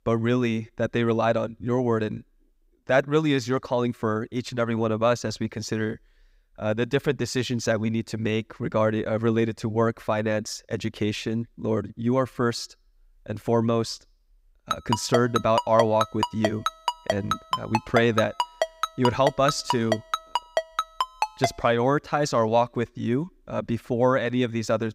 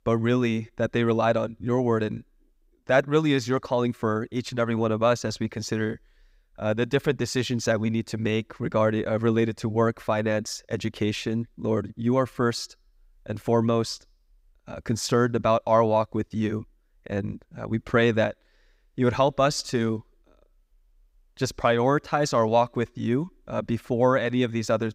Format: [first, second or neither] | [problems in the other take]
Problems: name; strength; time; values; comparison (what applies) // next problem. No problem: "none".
second | phone ringing; noticeable; from 15 to 21 s; peak 2 dB below the speech